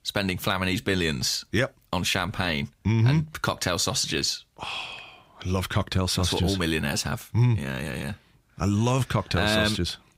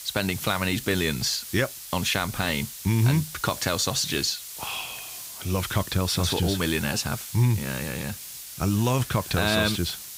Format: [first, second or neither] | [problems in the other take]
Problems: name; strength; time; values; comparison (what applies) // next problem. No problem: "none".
first | hiss; noticeable; throughout; 10 dB below the speech